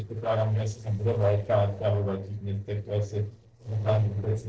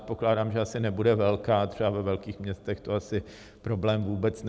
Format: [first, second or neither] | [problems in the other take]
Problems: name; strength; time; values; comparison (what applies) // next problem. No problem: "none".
second | noise reduction (neural separator model SepFormer DNS4)